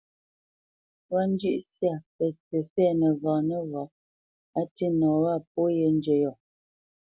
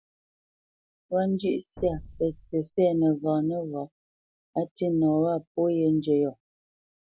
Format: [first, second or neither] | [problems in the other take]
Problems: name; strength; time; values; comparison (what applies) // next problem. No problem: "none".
first | background sound (Explosion); 16 dB below the speech